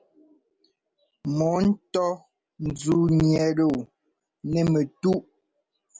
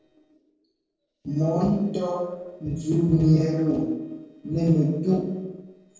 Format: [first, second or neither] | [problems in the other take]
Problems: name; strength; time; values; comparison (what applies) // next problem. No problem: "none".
first | noise reduction (neural separator model SepFormer DNS4)